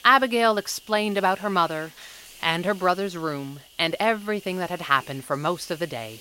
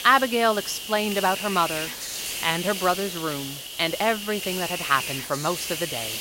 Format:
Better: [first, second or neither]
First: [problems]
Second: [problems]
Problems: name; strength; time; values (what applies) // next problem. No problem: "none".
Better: first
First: hiss; faint; throughout; 20 dB below the speech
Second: hiss; loud; throughout; 5 dB below the speech